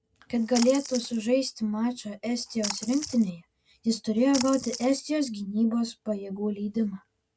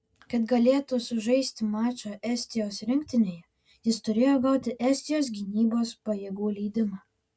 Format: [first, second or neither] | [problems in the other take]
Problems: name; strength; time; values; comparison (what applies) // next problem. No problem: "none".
second | background sound (Splash, splatter); 10 dB below the speech